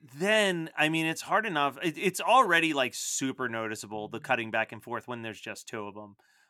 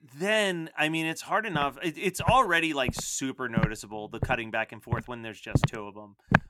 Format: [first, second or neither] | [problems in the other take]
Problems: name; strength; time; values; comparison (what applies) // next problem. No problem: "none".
first | footsteps; loud; from 1.5 s on; peak 2 dB above the speech